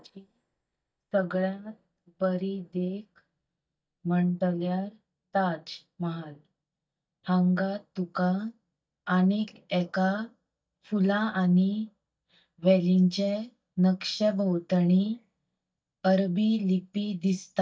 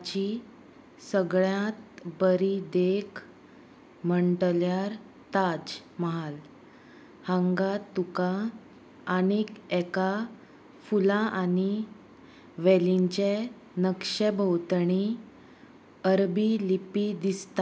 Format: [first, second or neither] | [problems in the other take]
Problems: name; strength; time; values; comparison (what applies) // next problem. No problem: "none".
second | noise reduction (neural mask model DeepFilterNet 3)